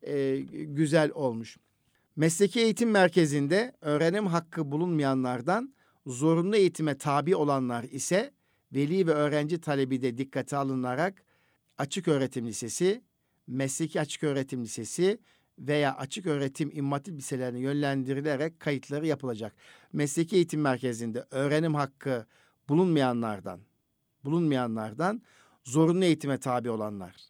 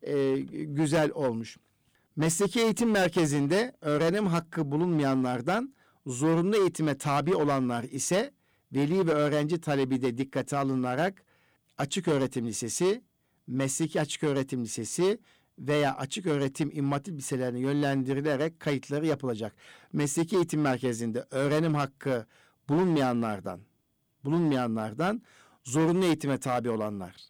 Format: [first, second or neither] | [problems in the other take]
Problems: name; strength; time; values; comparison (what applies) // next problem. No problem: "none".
first | distortion; slight; 8% of the sound clipped